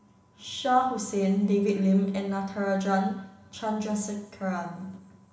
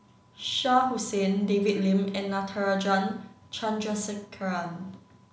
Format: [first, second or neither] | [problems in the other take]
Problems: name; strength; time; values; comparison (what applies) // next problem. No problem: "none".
second | room echo; dies away in 2.4 s